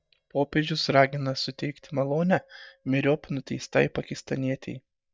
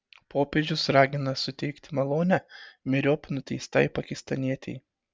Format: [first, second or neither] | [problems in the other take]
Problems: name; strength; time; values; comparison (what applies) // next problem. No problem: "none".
second | noise reduction (neural mask model DeepFilterNet 3)